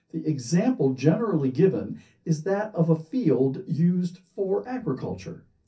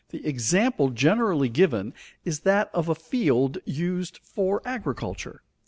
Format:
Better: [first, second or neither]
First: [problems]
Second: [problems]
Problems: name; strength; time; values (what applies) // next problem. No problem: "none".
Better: second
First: room echo; dies away in 0.3 s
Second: none